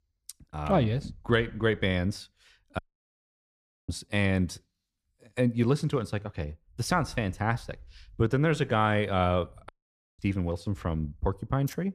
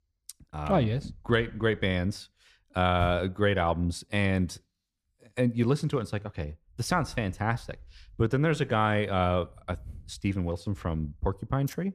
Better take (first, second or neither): second